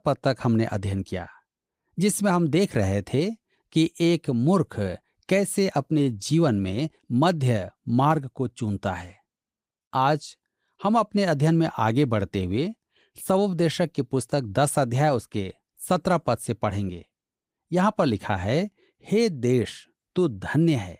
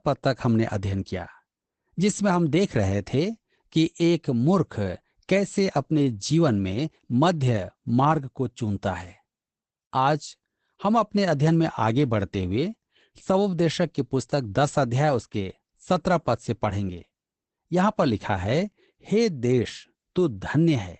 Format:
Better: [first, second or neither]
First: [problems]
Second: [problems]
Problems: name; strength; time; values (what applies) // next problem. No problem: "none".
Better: first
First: garbled, watery; slightly; nothing above 15.5 kHz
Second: garbled, watery; badly; nothing above 8 kHz